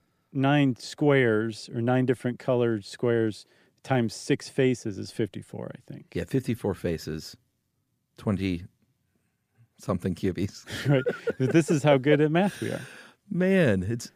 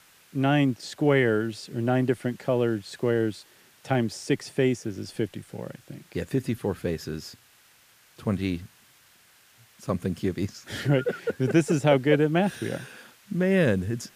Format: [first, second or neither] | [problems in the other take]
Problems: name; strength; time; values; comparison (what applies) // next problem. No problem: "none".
first | hiss; faint; throughout; 30 dB below the speech